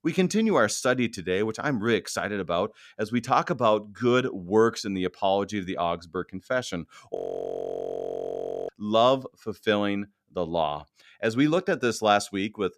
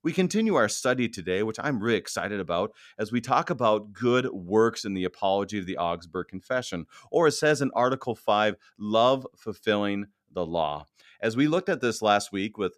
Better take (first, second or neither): second